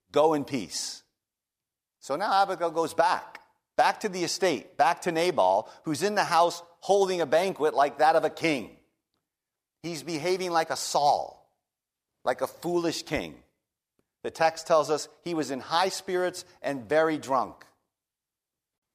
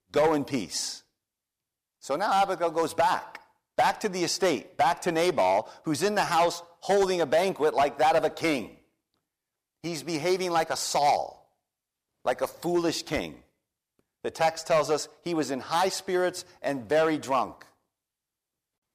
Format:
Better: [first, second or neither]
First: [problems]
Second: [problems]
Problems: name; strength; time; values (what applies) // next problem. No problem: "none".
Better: first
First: none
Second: distortion; slight; 4% of the sound clipped